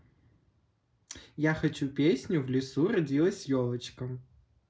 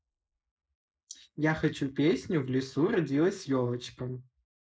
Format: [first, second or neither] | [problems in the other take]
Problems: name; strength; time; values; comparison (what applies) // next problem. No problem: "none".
first | noise reduction (neural mask model Resemble Enhance denoiser)